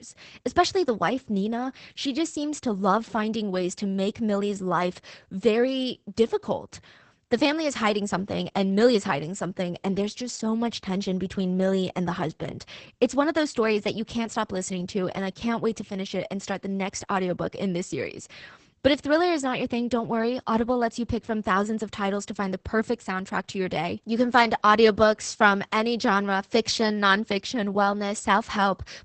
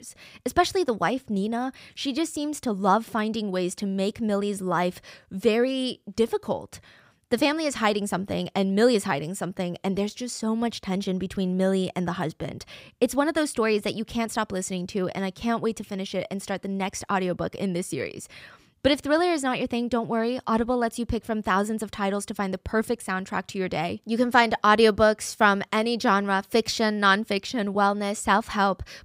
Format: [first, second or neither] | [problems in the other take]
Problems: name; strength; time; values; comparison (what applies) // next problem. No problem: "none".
second | garbled, watery; badly; nothing above 8 kHz